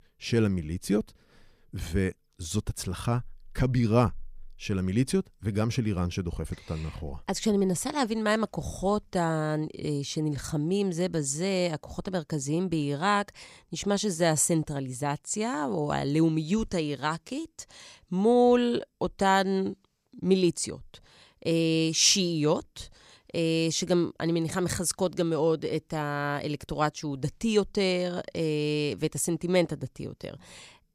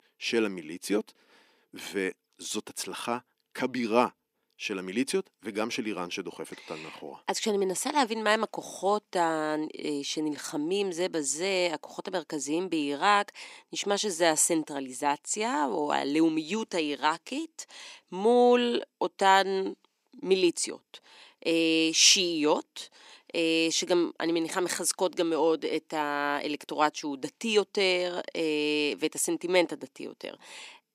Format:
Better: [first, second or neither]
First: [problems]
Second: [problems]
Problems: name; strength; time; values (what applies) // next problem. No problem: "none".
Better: first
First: none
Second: thin; somewhat; fading below 300 Hz